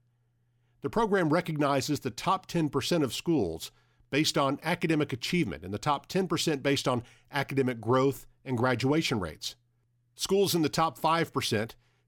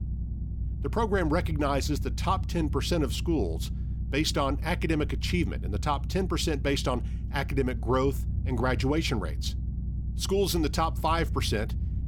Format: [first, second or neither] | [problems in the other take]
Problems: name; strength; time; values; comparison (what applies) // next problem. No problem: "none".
first | low rumble; noticeable; throughout; 20 dB below the speech